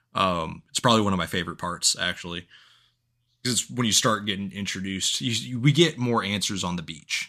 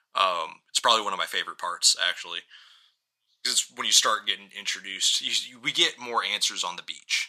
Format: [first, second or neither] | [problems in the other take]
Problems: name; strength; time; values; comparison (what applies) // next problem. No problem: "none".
first | thin; very; fading below 750 Hz